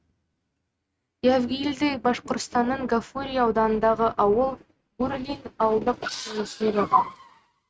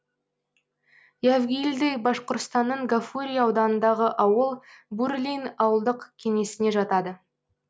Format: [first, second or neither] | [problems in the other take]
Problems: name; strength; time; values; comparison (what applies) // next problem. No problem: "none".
second | noise reduction (neural mask model RNNoise)